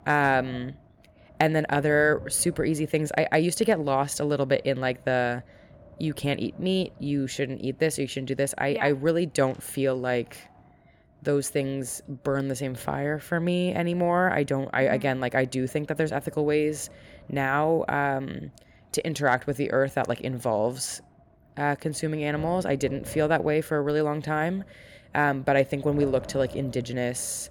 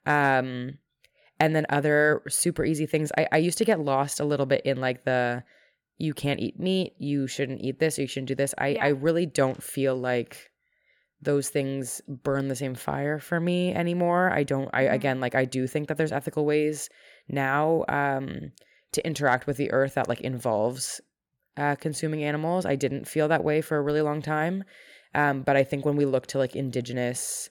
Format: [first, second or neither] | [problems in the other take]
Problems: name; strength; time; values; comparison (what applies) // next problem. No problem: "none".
second | wind noise on the microphone; occasional gusts; 25 dB below the speech